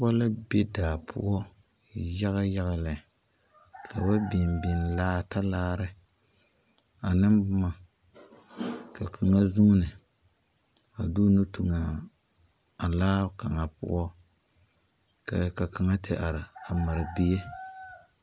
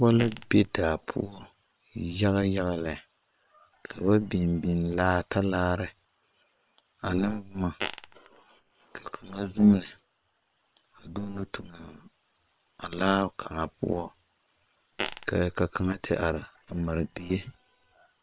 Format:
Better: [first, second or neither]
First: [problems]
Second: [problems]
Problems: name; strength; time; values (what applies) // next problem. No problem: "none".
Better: first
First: none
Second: noise reduction (neural separator model SepFormer WHAM!)